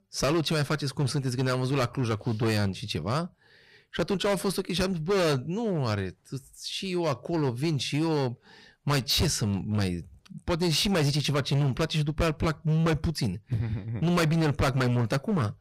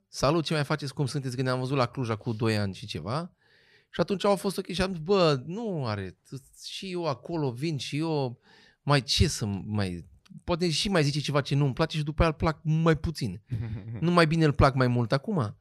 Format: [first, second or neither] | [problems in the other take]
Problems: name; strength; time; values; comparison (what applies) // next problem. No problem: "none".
second | distortion; heavy; 14% of the sound clipped